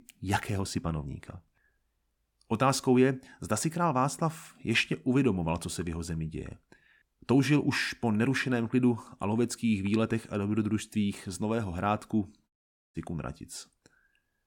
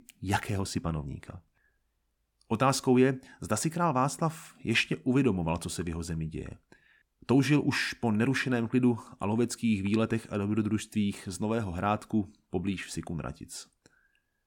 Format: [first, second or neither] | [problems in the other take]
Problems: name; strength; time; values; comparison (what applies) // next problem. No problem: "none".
second | audio cutting out; at 13 s